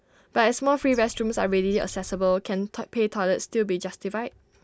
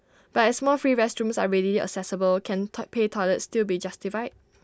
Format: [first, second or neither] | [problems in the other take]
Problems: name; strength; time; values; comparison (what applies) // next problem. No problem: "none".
second | background sound (Bird); 18 dB below the speech